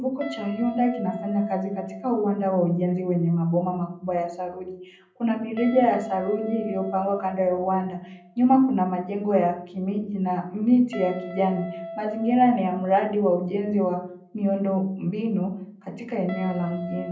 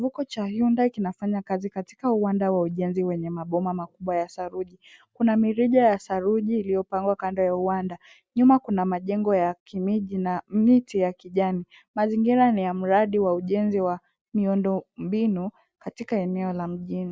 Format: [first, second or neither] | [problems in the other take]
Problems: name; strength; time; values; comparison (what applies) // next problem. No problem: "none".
second | background sound (Guitar); 16 dB below the speech // room echo; dies away in 0.6 s